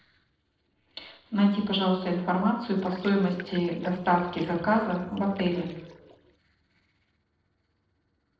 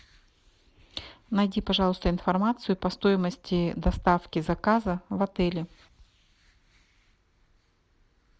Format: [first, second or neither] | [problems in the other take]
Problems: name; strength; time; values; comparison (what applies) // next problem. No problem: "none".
second | noise reduction (neural separator model SepFormer DNS4)